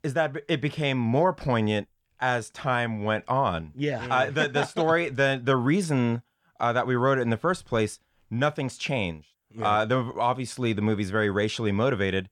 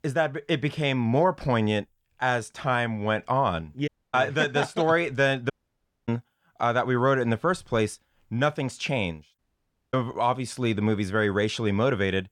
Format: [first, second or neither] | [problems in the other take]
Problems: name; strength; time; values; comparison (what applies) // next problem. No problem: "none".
first | audio cutting out; at 4 s, at 5.5 s for 0.5 s and at 9.5 s for 0.5 s